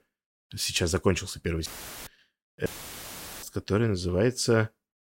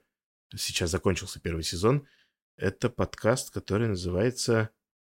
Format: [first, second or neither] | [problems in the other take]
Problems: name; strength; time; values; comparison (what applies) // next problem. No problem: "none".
second | audio cutting out; filled with static; at 1.5 s and at 2.5 s for 1 s